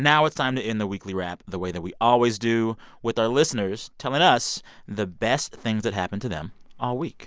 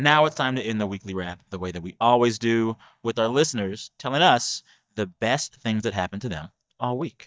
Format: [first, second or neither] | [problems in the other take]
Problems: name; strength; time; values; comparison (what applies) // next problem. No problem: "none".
first | noise reduction (neural mask model DeepFilterNet 3)